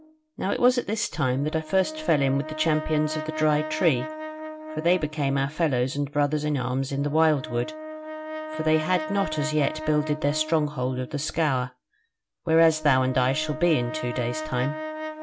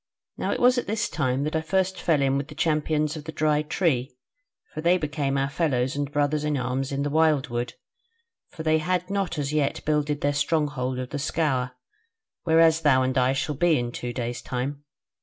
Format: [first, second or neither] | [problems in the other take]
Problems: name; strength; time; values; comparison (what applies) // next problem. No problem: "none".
second | background sound (Brass instrument); 11 dB below the speech